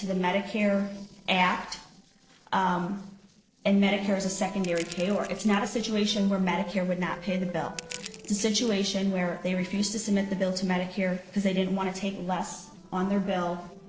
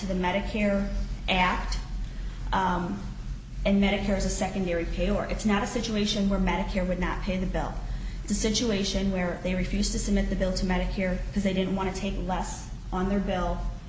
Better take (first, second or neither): second